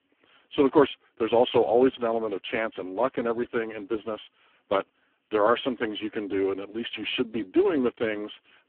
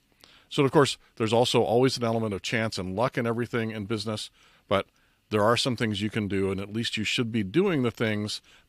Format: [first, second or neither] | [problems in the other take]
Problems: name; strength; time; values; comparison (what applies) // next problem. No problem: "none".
second | phone-call audio; poor line; nothing above 3.5 kHz